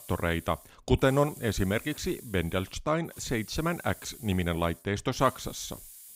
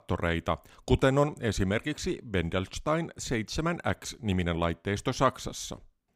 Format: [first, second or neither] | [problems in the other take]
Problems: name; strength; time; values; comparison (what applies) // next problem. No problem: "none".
second | hiss; noticeable; throughout; 20 dB below the speech